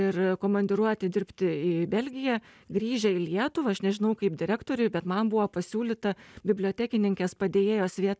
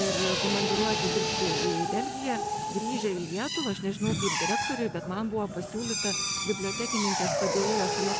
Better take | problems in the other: first | background sound (Drill); 1 dB above the speech

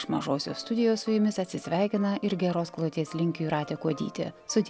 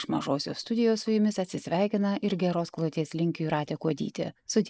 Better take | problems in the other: first | noise reduction (neural mask model Resemble Enhance denoiser)

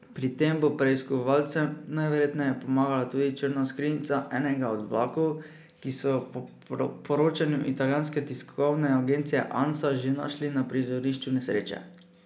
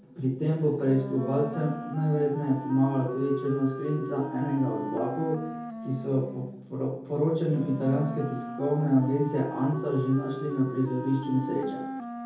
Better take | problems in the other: first | background sound (Wind instrument, woodwind instrument); 9 dB below the speech // room echo; dies away in 0.7 s

